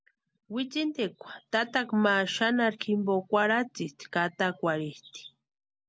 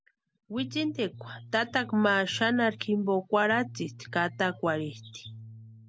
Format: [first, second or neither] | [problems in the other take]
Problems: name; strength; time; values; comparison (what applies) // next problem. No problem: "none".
first | background sound (Bass guitar); 16 dB below the speech